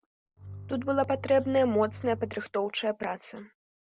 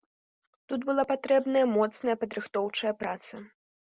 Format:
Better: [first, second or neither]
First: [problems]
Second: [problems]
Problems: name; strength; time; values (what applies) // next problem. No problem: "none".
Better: second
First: background sound (Bowed string instrument); 14 dB below the speech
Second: none